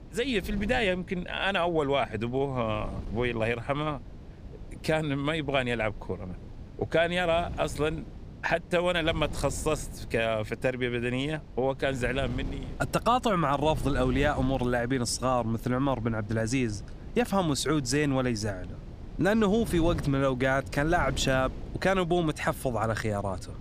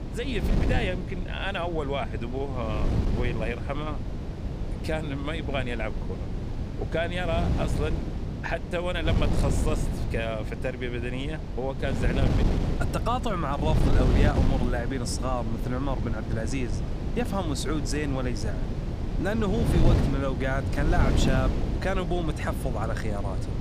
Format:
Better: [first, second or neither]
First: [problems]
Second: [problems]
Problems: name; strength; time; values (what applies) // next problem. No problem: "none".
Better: first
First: wind noise on the microphone; occasional gusts; 20 dB below the speech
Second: wind noise on the microphone; heavy; 5 dB below the speech